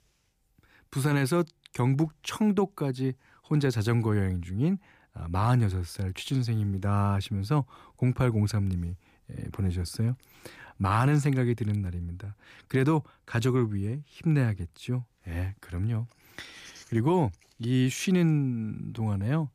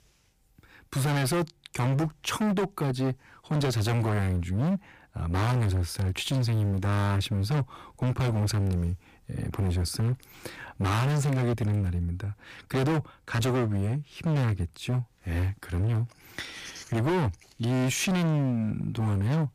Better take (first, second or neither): first